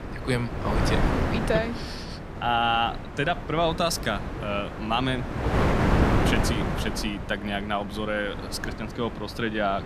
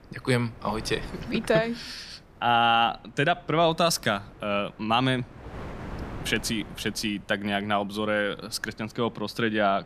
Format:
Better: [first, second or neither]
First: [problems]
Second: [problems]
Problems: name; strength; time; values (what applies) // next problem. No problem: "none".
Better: second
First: wind noise on the microphone; heavy; 4 dB below the speech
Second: wind noise on the microphone; occasional gusts; 20 dB below the speech